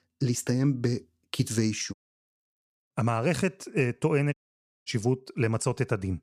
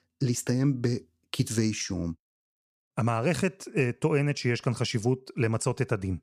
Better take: second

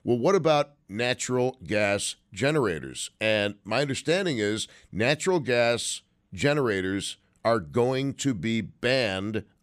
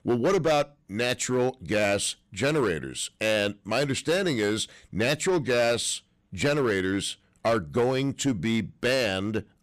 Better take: first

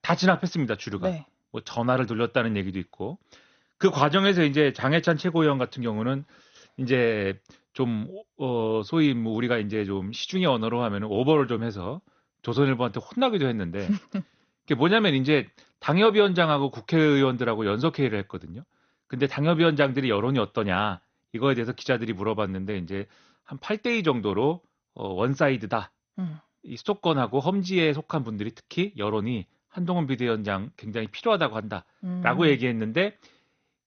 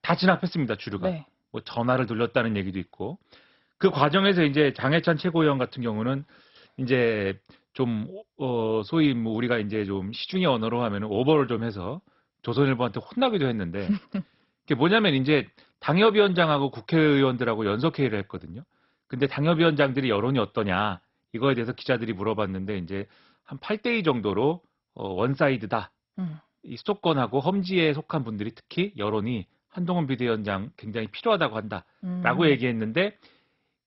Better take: first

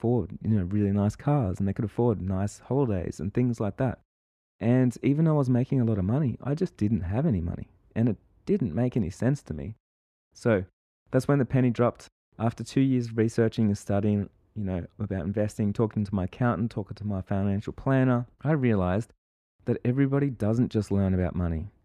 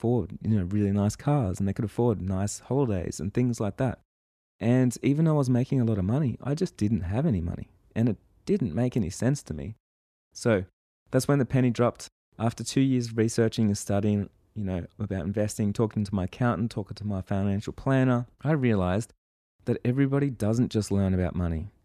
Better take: second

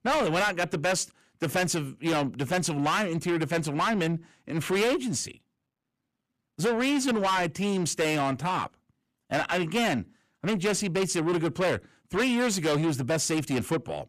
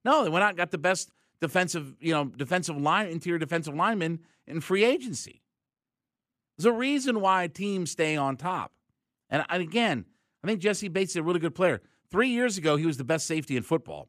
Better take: second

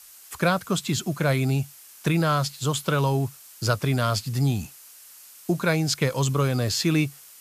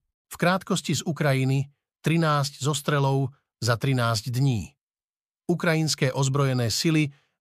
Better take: second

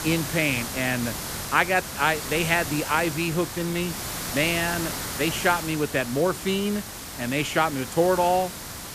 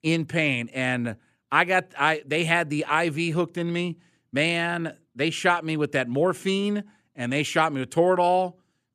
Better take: second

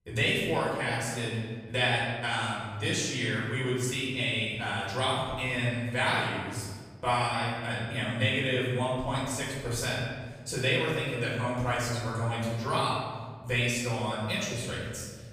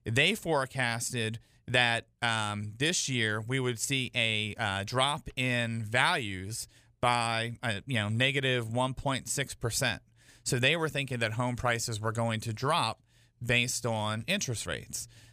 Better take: second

